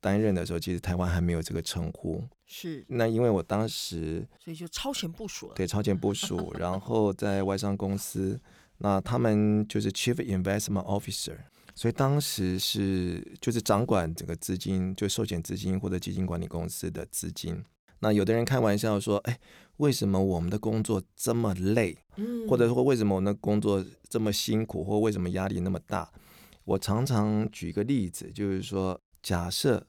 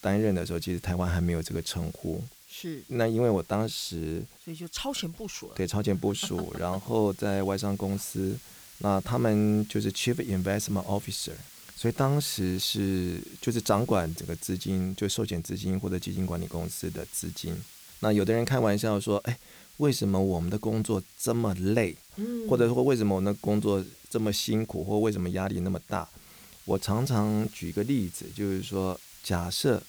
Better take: first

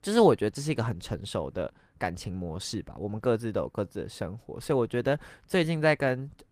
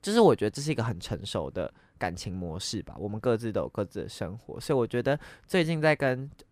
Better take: second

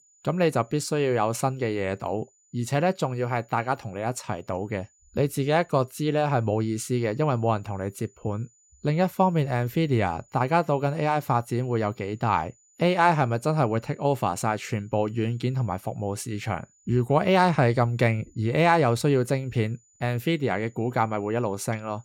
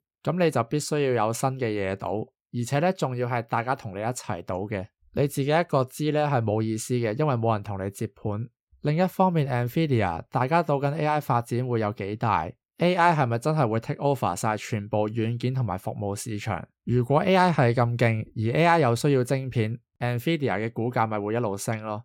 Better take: second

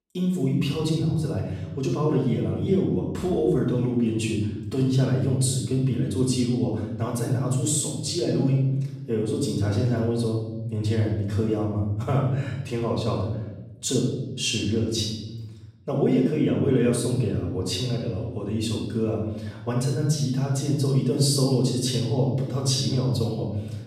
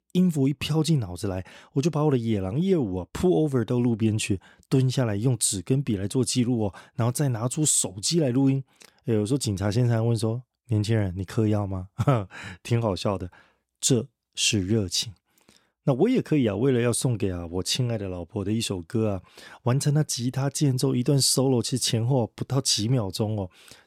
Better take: second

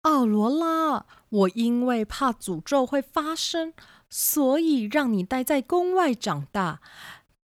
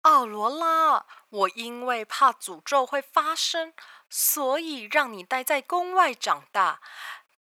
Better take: first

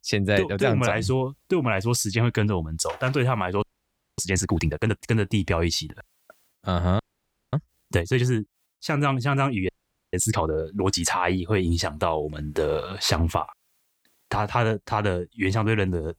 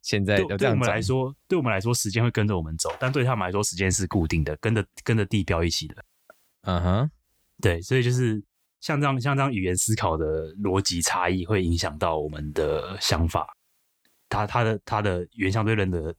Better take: second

